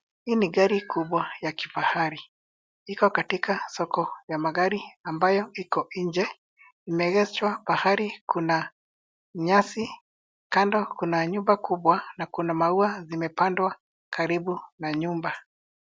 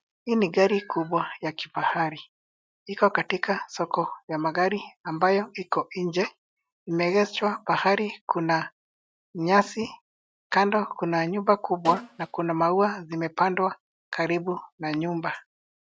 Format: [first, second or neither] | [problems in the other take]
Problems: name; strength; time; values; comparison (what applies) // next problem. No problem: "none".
first | noise reduction (neural mask model RNNoise)